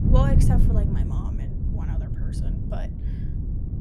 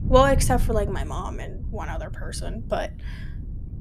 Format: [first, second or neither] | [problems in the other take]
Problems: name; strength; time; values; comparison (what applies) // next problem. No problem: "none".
second | wind noise on the microphone; heavy; 1 dB below the speech; occasional gusts in the second